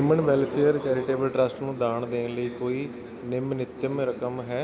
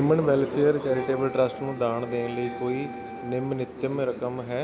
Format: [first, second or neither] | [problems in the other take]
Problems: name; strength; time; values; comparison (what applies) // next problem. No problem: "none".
first | background sound (Wind instrument, woodwind instrument); 16 dB below the speech